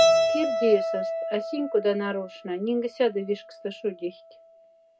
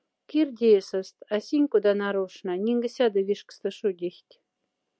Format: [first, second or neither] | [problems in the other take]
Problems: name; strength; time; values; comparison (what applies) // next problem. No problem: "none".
second | background sound (Keyboard (musical)); as loud as the speech // room echo; dies away in 0.2 s